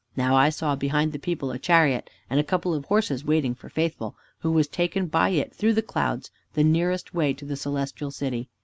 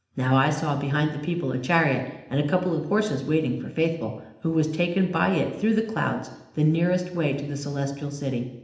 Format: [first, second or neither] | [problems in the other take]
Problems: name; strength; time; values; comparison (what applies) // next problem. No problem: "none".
first | room echo; dies away in 0.8 s